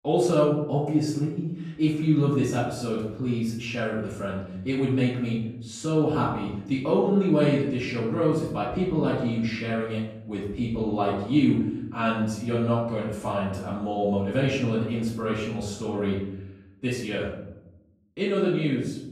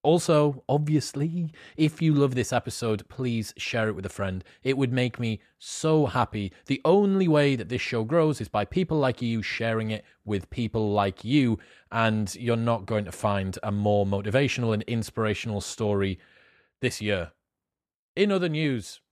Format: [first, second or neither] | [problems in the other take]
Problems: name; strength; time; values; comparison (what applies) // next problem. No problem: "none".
second | off-mic speech; far // room echo; noticeable; dies away in 0.8 s